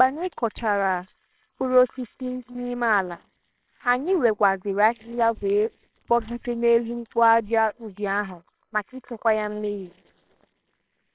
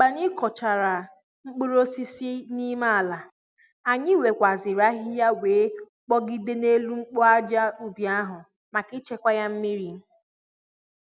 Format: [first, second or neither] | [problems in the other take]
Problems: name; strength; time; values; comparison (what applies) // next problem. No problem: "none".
second | noise reduction (neural separator model SepFormer WHAMR!)